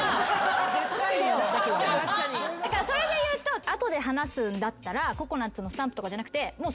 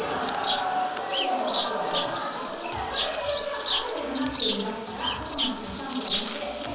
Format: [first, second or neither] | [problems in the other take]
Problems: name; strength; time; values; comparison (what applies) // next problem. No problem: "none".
first | background sound (Bird vocalization, bird call, bird song); 4 dB below the speech // room echo; dies away in 1.2 s